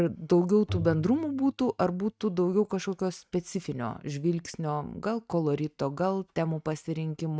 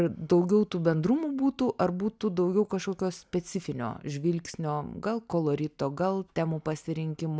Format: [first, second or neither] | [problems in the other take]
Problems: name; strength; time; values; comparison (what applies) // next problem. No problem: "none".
second | noise reduction (neural mask model RNNoise)